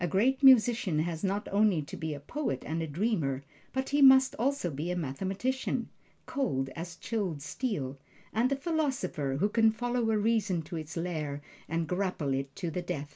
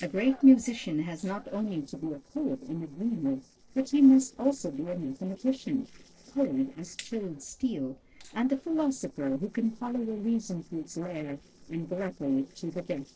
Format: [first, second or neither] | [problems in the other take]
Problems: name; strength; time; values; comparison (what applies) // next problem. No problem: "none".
first | noise reduction (neural separator model SepFormer DNS4)